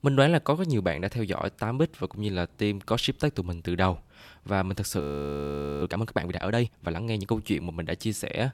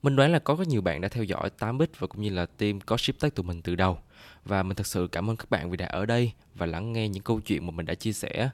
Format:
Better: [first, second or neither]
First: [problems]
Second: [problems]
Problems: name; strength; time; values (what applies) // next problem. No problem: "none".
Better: second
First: audio freezing; at 5 s for 1 s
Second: none